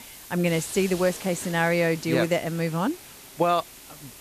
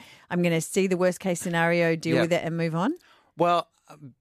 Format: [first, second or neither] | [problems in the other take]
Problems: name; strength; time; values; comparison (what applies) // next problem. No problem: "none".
second | hiss; noticeable; throughout; 15 dB below the speech